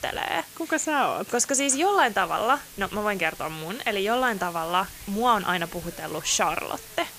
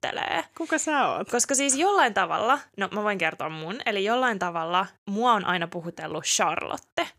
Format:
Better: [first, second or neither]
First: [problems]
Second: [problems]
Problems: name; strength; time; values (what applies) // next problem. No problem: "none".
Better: second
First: hiss; noticeable; throughout; 15 dB below the speech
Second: none